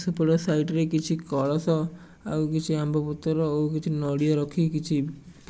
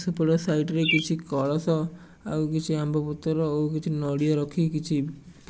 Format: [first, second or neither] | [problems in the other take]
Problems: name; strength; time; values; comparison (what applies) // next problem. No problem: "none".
first | background sound (Bird); 7 dB below the speech